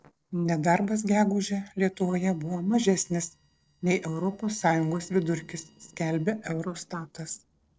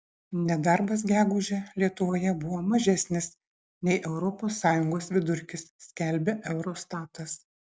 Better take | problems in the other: second | noise reduction (neural separator model SepFormer DNS4)

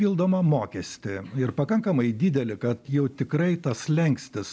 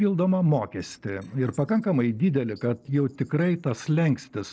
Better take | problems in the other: first | noise reduction (neural separator model SepFormer DNS4)

